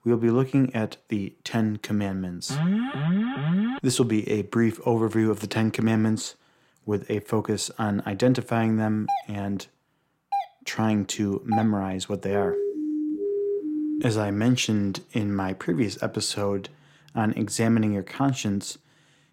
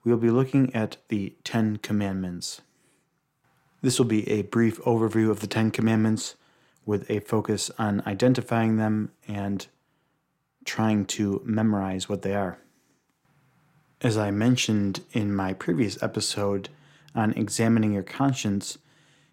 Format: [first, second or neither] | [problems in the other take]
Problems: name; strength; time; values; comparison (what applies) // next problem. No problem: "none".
second | alarm; loud; from 2.5 to 4 s; peak 1 dB above the speech // doorbell; noticeable; from 9 to 12 s; peak 4 dB below the speech // siren; noticeable; from 12 to 14 s; peak 1 dB below the speech